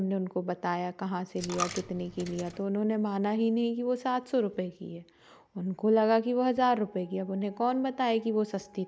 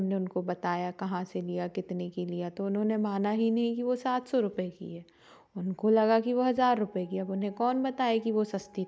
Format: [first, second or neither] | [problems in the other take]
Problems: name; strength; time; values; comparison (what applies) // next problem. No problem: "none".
second | background sound (Coin (dropping)); 14 dB below the speech